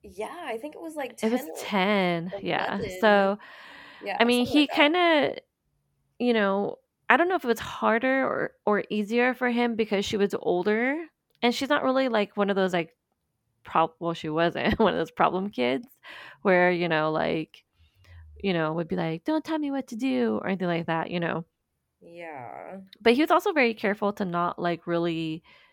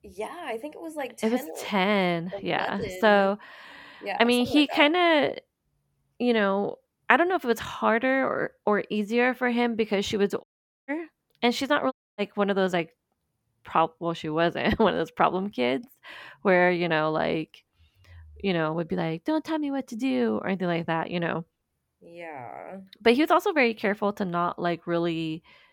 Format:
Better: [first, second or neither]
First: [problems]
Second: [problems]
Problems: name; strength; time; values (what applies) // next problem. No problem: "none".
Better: first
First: none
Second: audio cutting out; at 10 s and at 12 s